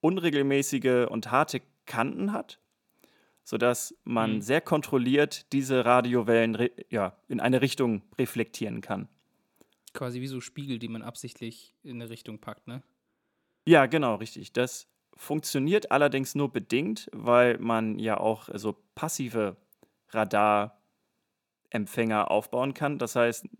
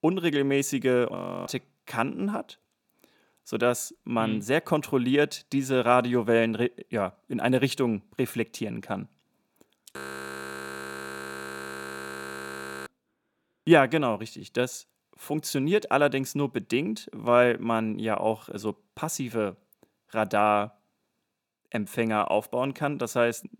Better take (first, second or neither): first